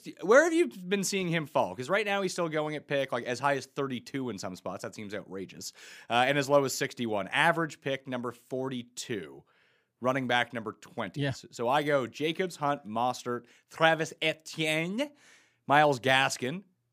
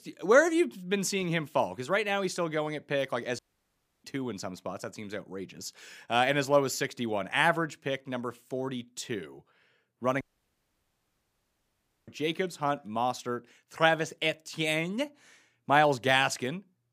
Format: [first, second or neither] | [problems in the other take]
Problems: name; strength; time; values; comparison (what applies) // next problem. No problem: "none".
first | audio cutting out; at 3.5 s for 0.5 s and at 10 s for 2 s